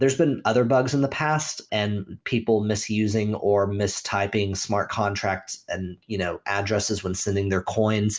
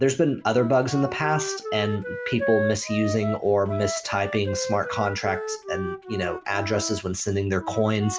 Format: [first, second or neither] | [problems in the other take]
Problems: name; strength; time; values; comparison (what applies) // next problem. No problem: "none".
first | background sound (Wind instrument, woodwind instrument); 8 dB below the speech